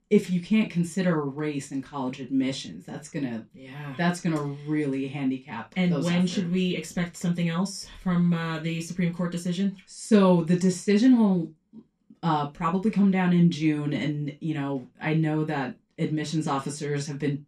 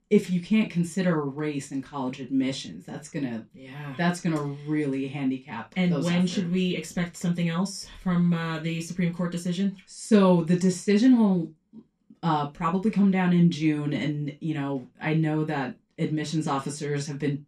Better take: neither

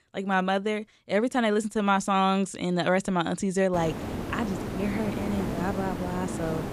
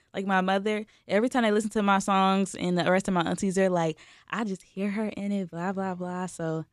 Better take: second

